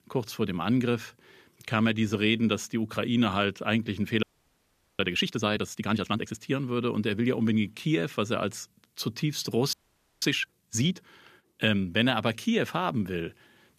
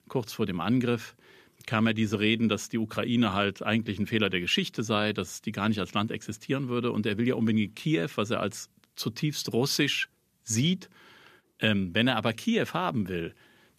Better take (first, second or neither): second